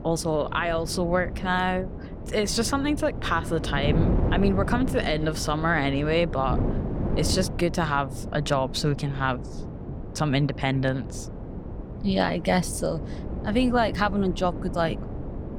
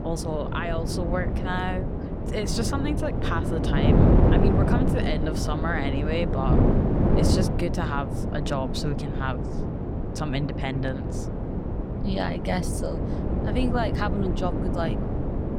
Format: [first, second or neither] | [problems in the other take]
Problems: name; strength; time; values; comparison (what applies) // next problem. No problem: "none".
first | wind noise on the microphone; heavy; 1 dB below the speech; occasional gusts in the first